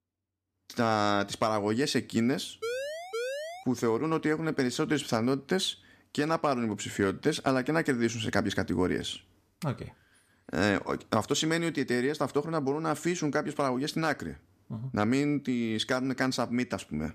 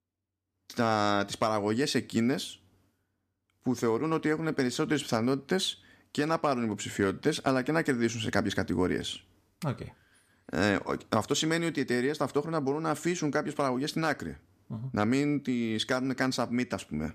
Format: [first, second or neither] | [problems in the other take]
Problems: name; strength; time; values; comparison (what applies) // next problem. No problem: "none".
second | siren; noticeable; from 2.5 to 3.5 s; peak 5 dB below the speech